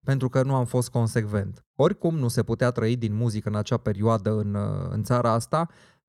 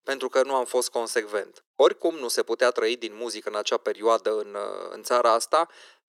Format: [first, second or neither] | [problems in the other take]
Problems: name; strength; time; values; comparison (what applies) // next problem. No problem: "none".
first | thin; very; fading below 350 Hz